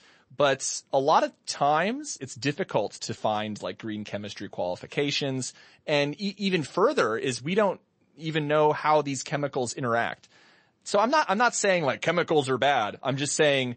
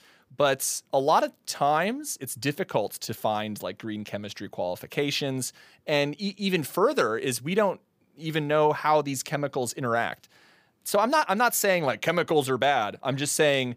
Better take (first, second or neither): second